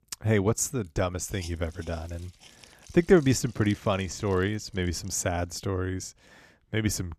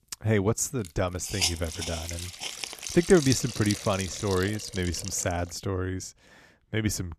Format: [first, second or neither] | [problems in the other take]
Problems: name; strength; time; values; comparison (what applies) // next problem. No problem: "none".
first | hiss; loud; until 5.5 s; 5 dB below the speech; faint in the first